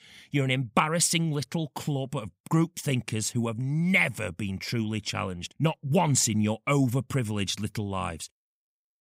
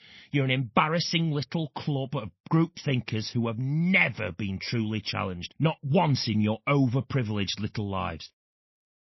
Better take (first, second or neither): first